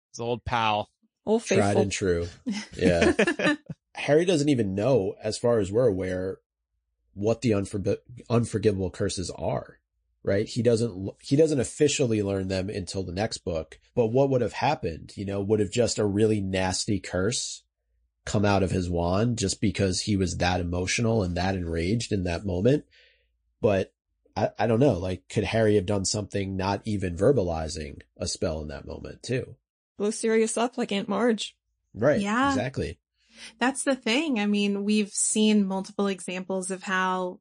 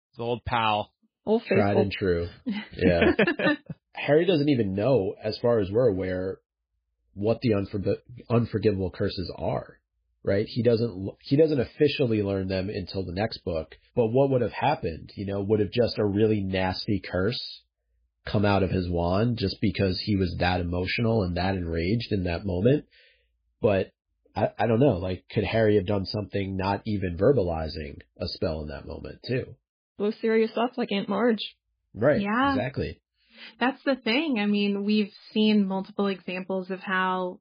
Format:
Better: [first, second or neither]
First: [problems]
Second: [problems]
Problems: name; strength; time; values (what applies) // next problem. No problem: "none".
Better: first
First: garbled, watery; slightly; nothing above 9 kHz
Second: garbled, watery; badly